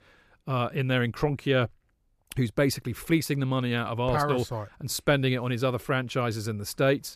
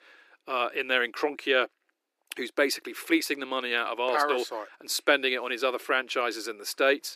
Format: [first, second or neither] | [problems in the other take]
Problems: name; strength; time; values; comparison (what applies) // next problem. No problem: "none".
first | thin; very; fading below 300 Hz